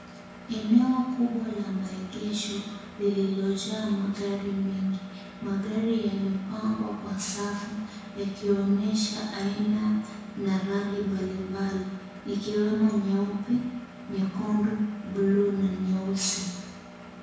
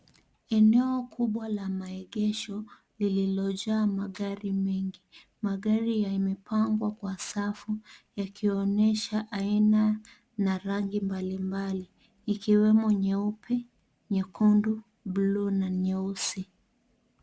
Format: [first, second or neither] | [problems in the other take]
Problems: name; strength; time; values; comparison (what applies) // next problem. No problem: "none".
second | background sound (Engine); 16 dB below the speech // room echo; dies away in 1 s